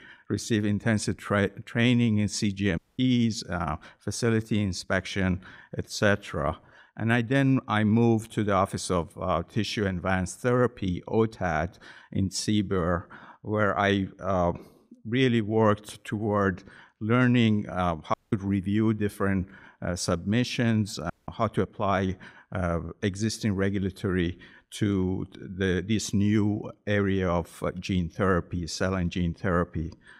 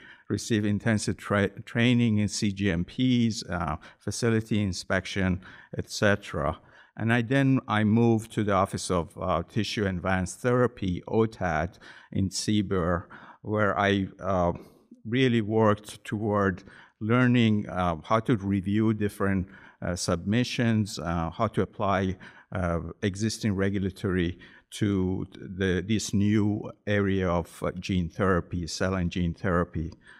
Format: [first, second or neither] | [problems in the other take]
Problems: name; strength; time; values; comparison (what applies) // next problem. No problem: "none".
second | audio cutting out; at 3 s, at 18 s and at 21 s